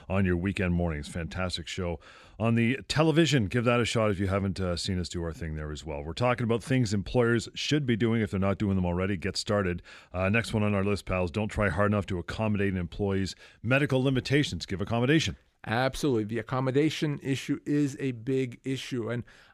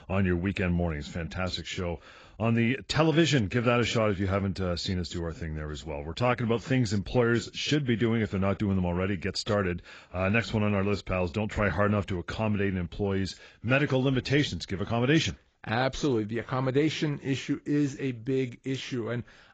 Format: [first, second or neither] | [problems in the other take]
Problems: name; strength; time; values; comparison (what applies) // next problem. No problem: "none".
first | garbled, watery; badly; nothing above 7.5 kHz